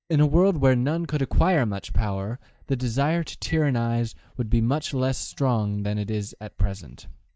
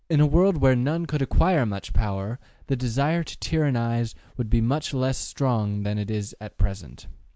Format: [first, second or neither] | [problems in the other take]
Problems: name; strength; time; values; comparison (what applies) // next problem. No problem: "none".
second | noise reduction (neural mask model DeepFilterNet 3)